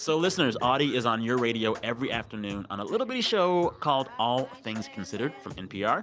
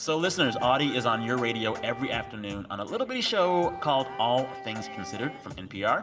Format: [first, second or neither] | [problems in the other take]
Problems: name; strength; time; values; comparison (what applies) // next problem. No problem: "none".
first | background sound (Wind instrument, woodwind instrument); 13 dB below the speech // room echo; dies away in 1.3 s